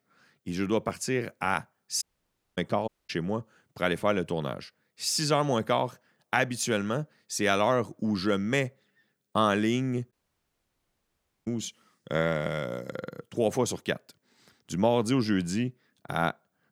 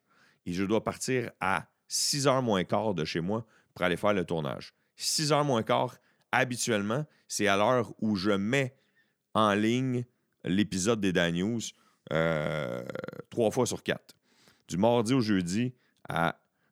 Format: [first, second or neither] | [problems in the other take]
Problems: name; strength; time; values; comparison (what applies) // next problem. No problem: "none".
second | audio cutting out; at 2 s for 0.5 s, at 3 s and at 10 s for 1.5 s